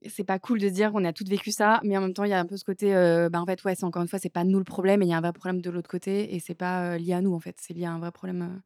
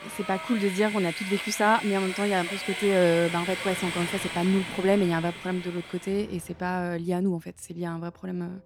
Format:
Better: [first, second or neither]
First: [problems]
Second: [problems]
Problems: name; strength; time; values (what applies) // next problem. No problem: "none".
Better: first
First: none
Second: train or aircraft noise; loud; throughout; 6 dB below the speech